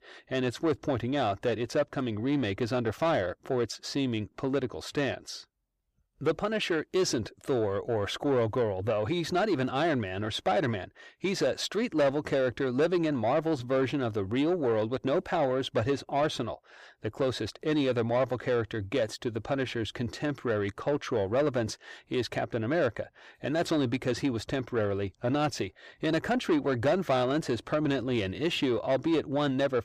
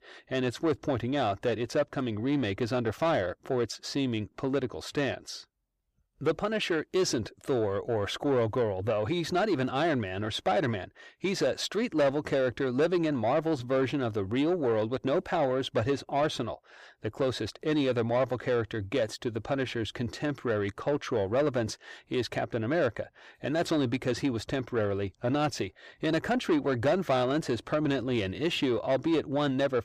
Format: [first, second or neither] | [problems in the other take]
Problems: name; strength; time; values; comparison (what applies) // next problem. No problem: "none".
neither | distortion; slight; 10 dB below the speech; the same in both